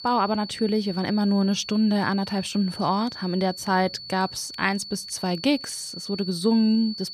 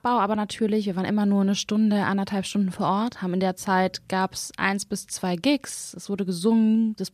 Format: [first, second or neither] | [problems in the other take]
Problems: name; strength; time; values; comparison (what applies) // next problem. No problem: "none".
second | high-pitched whine; noticeable; throughout; 4.5 kHz, 10 dB below the speech